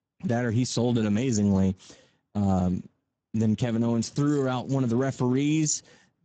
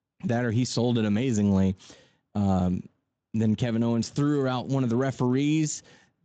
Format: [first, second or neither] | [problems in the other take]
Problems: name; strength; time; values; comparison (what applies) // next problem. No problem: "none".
second | garbled, watery; badly; nothing above 7.5 kHz; slightly in the second